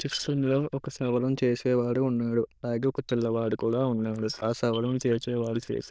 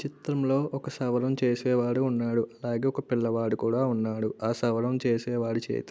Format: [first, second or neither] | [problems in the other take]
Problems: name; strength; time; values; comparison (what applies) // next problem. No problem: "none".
second | noise reduction (neural diffusion model UNIVERSE++)